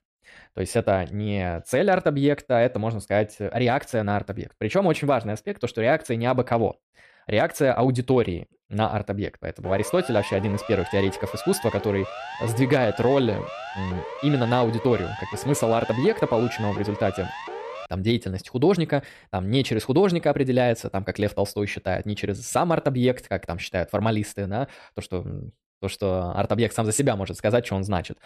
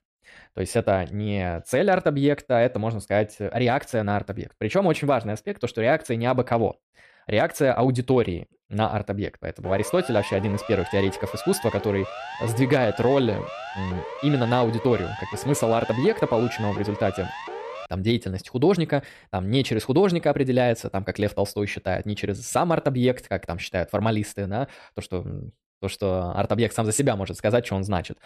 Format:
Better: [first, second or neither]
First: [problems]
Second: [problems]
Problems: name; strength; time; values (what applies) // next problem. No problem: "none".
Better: neither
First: siren; noticeable; from 9.5 to 18 s; peak 10 dB below the speech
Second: siren; noticeable; from 9.5 to 18 s; peak 10 dB below the speech